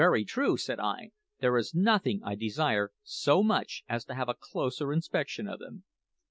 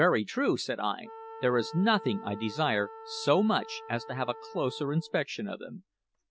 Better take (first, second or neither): first